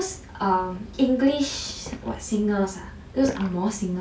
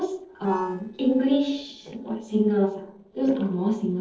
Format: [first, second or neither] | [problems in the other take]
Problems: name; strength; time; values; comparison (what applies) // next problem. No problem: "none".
first | noise reduction (neural separator model SepFormer DNS4)